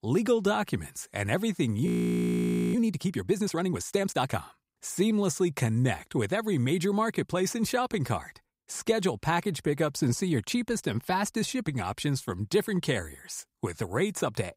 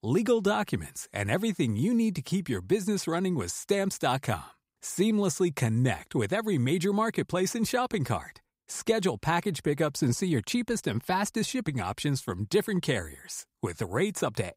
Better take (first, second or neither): second